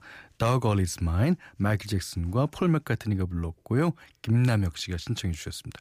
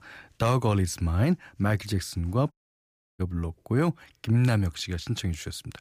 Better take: first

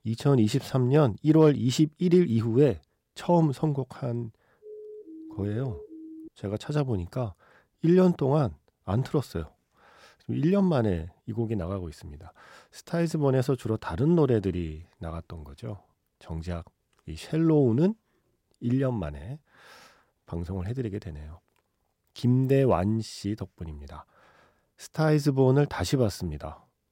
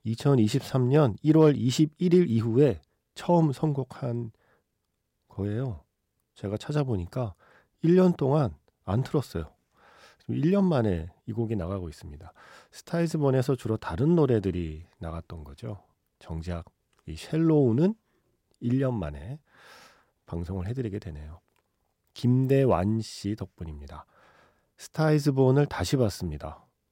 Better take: second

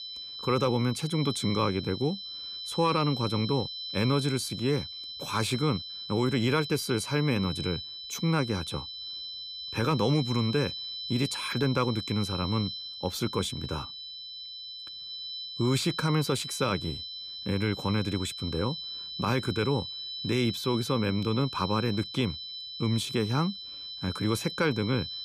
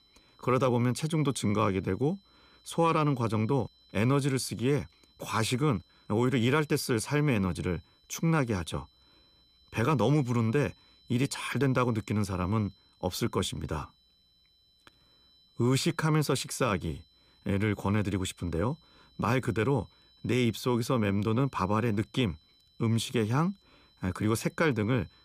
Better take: second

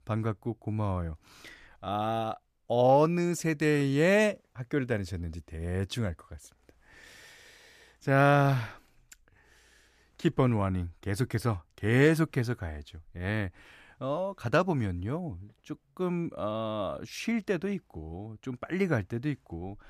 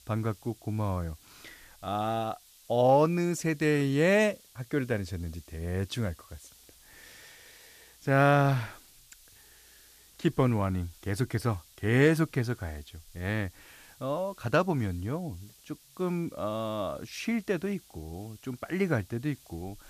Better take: first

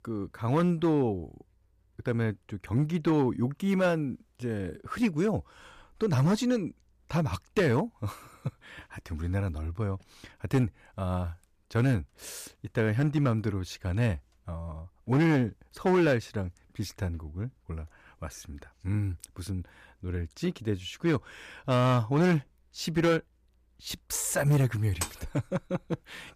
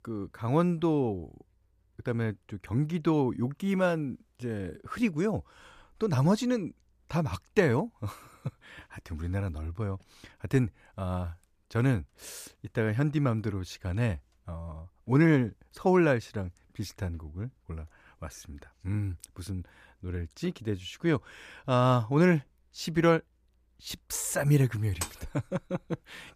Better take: second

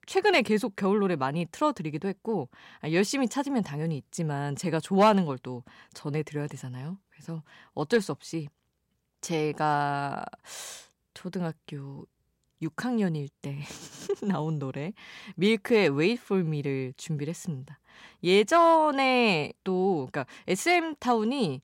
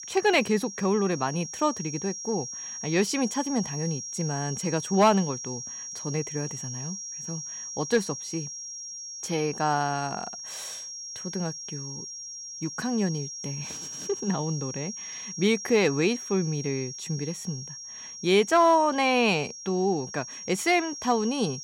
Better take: first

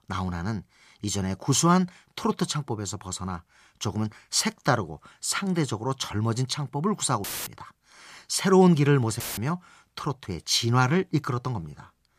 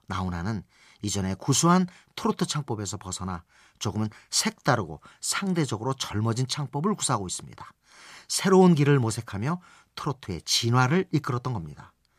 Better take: second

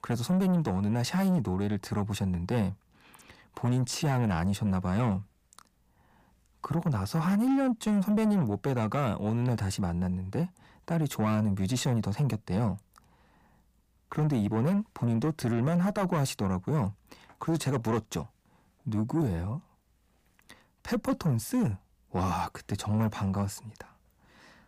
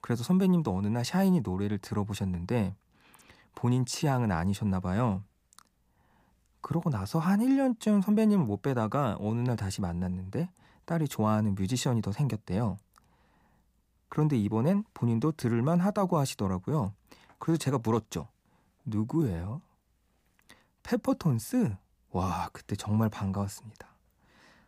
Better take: second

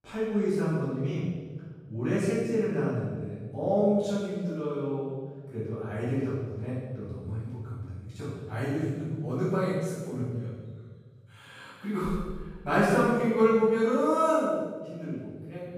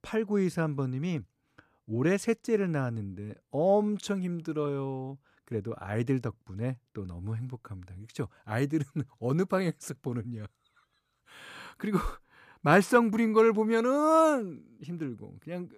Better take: second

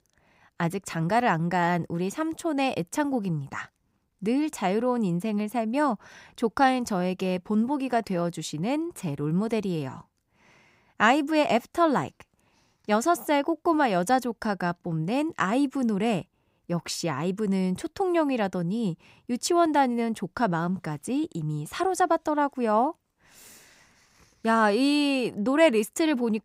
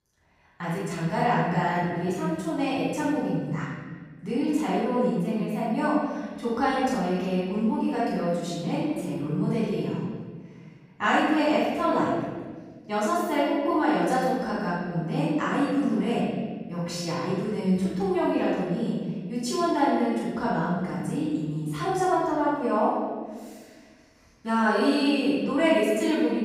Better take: first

